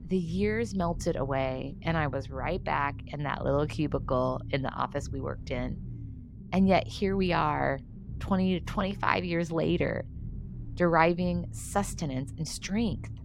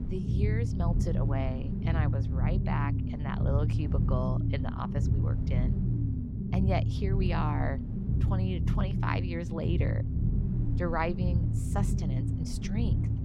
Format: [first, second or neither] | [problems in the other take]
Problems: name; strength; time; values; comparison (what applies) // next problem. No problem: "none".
first | low rumble; loud; throughout; 4 dB below the speech; faint in the first